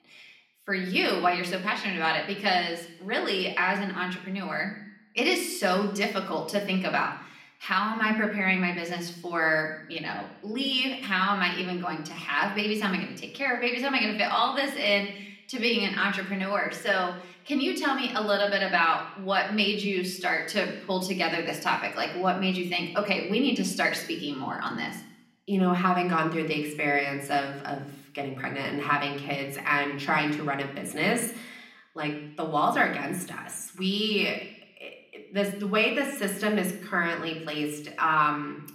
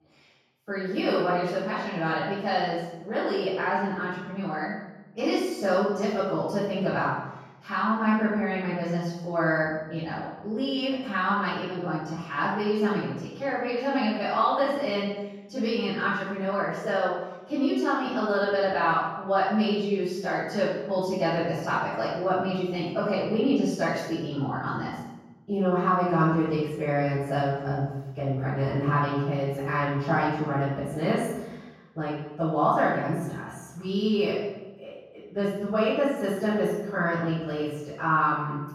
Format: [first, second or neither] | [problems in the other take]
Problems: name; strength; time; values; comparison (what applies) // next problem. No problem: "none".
first | room echo; strong; dies away in 1.3 s; slight in the first // off-mic speech; far; somewhat distant in the first